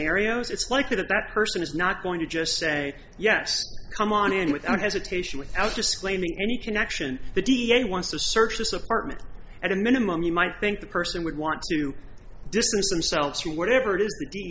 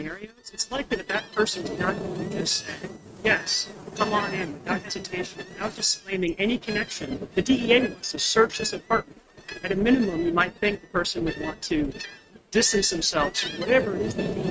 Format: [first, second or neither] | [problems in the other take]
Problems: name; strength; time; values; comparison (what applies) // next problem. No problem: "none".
first | noise reduction (neural mask model RNNoise)